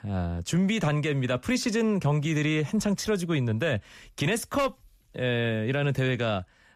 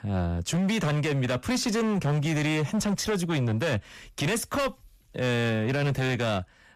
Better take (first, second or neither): first